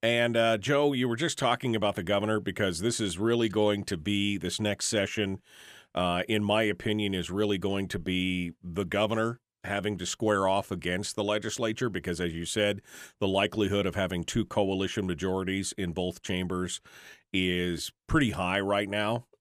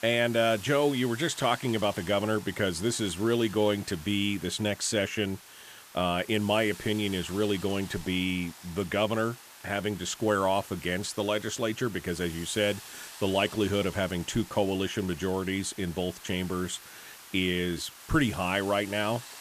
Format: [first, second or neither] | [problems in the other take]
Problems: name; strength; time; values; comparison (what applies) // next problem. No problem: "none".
first | hiss; noticeable; throughout; 15 dB below the speech